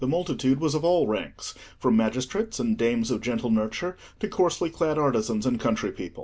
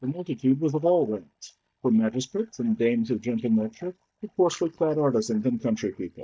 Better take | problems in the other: first | noise reduction (neural mask model DeepFilterNet 3)

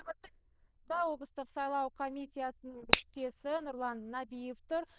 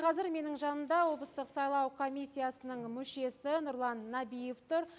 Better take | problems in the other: second | noise reduction (neural diffusion model UNIVERSE++)

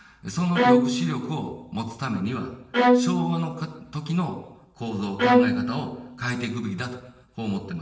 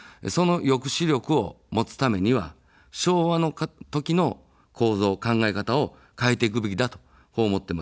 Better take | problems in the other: second | background sound (Bowed string instrument); 4 dB above the speech // room echo; dies away in 0.9 s

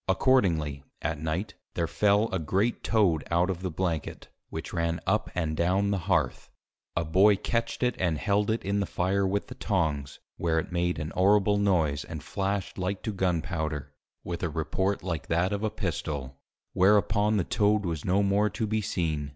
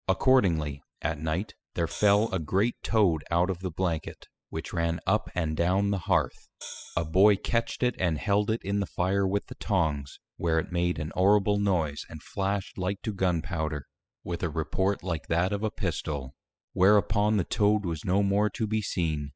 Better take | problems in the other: first | noise reduction (classical method spectral subtraction)

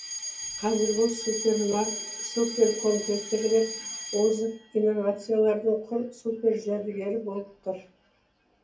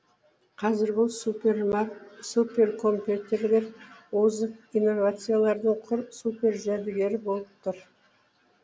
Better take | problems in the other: second | background sound (Alarm); 11 dB below the speech // room echo; dies away in 0.3 s

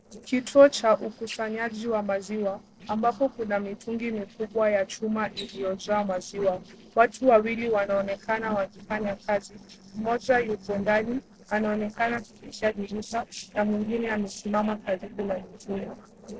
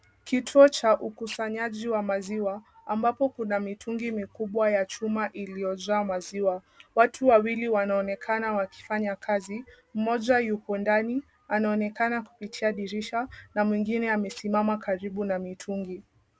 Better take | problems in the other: second | noise reduction (neural separator model SepFormer DNS4)

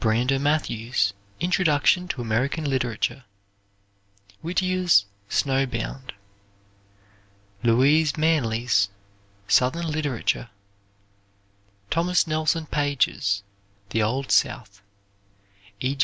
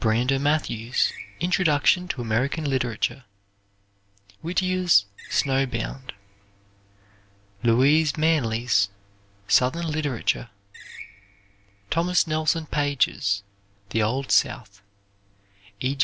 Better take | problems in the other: first | background sound (Screech); 19 dB below the speech

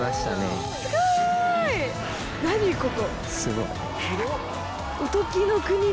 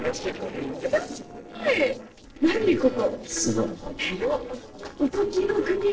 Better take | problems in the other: first | noise reduction (neural separator model SepFormer DNS4)

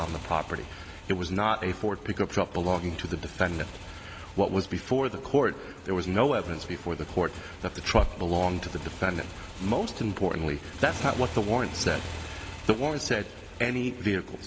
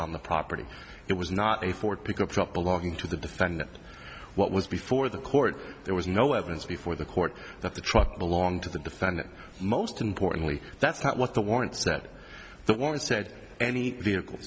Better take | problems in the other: second | background sound (Motorcycle); 13 dB below the speech

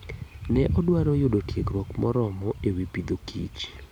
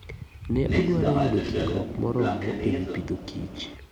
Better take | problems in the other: first | background sound (Train); 1 dB below the speech

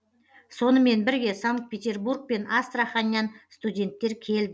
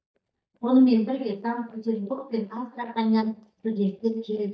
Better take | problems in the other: first | noise reduction (neural mask model DeepFilterNet 3)

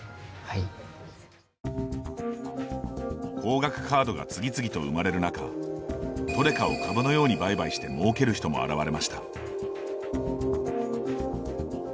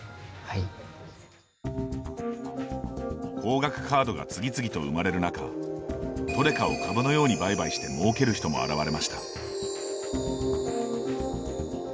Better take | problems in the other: first | background sound (Chime); 17 dB below the speech

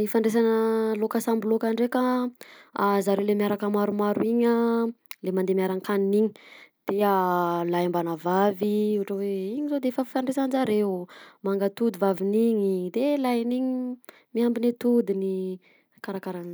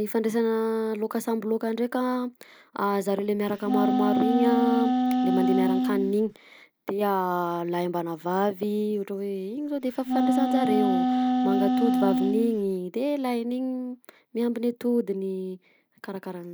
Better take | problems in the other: first | background sound (Wind instrument, woodwind instrument); 3 dB above the speech

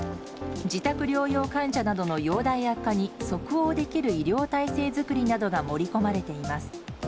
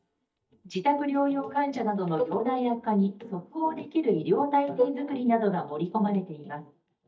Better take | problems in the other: first | noise reduction (neural mask model DeepFilterNet 3)

